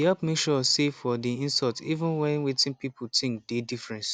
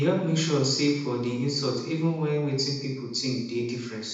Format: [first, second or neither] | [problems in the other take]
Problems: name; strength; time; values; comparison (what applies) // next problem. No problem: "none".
first | room echo; dies away in 0.9 s